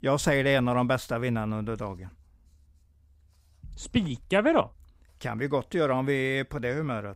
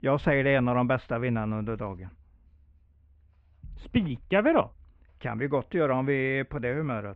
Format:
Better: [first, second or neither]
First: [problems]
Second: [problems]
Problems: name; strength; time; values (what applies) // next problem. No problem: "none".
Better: first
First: none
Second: muffled; very; fading above 2.5 kHz